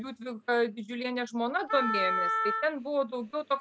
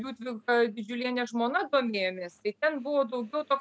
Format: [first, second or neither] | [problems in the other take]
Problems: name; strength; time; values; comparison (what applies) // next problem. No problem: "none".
second | background sound (Wind instrument, woodwind instrument); 1 dB below the speech